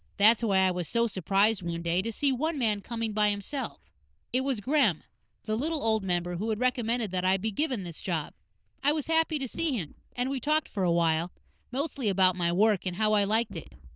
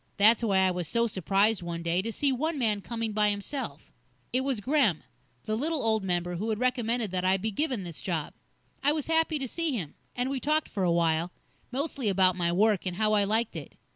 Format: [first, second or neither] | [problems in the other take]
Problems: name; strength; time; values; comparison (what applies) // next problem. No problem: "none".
second | noise reduction (neural diffusion model UNIVERSE++)